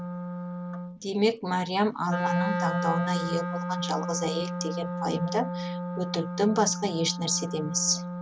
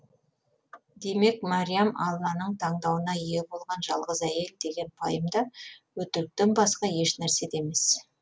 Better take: second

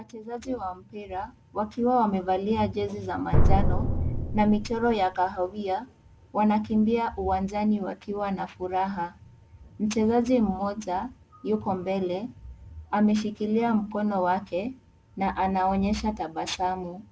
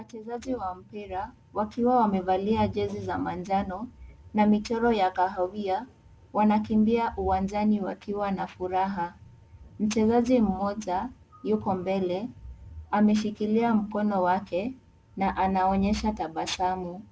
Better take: second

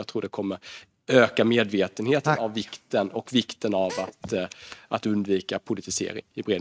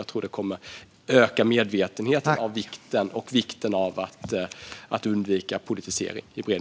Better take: second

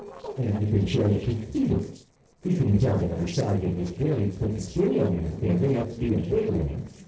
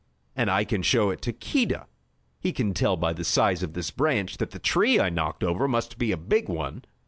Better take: second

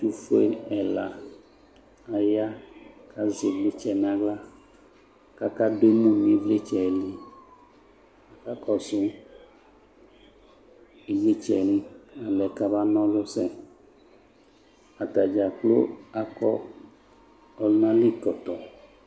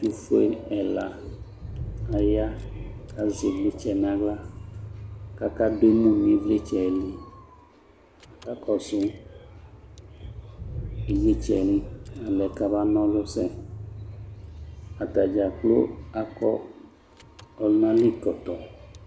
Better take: first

